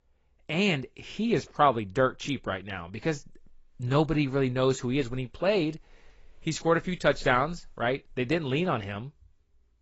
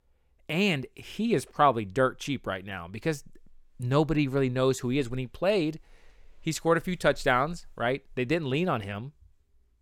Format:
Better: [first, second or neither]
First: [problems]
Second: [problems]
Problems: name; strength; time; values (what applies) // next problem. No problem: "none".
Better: second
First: garbled, watery; badly; nothing above 7.5 kHz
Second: none